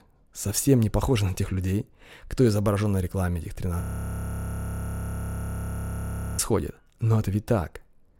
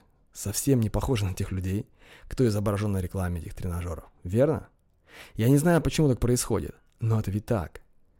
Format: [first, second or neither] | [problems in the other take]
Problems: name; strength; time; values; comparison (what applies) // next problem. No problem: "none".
second | audio freezing; at 4 s for 2.5 s